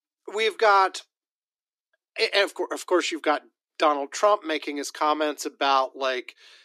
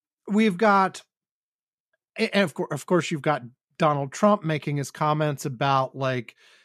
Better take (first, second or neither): second